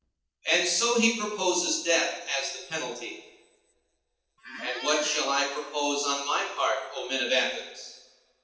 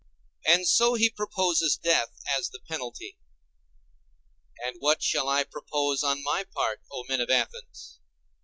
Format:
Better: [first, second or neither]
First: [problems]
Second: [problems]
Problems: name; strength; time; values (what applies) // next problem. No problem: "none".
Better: second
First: noise reduction (neural separator model SepFormer DNS4)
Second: none